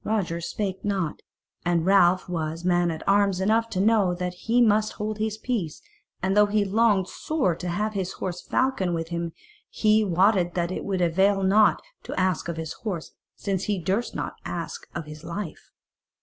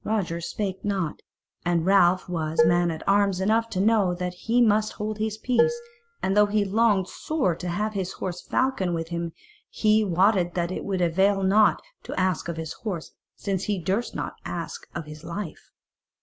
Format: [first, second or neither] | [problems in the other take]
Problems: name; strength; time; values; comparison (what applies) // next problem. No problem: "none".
first | background sound (Dishes, pots, and pans); 2 dB below the speech